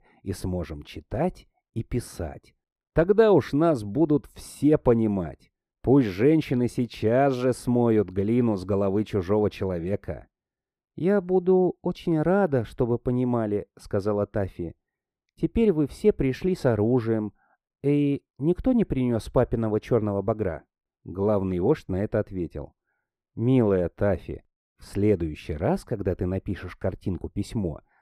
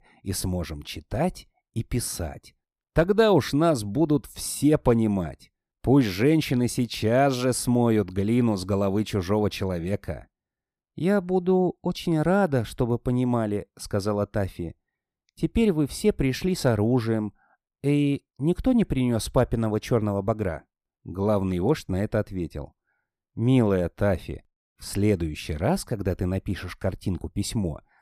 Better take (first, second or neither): second